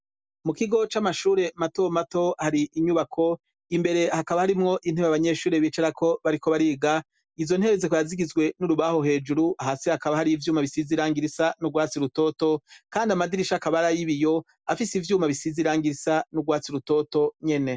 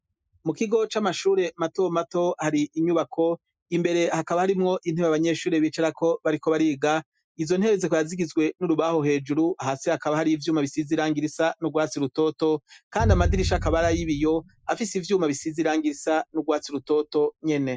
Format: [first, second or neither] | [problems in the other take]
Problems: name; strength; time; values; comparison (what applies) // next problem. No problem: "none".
first | noise reduction (classical method Wiener filter)